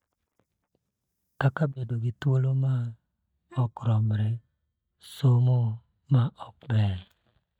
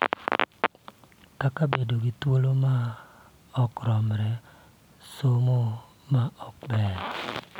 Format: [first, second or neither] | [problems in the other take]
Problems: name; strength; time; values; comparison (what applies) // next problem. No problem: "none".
second | noise reduction (neural mask model DeepFilterNet 3)